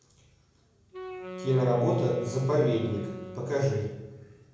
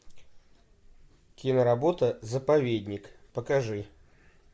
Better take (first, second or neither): second